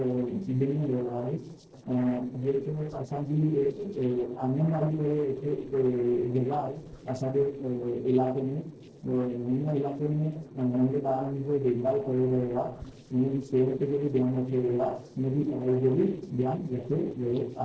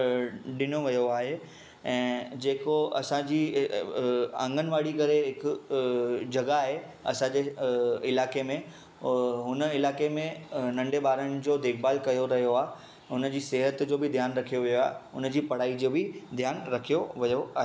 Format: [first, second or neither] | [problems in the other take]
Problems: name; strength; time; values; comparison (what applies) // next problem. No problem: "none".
second | noise reduction (neural separator model SepFormer DNS4)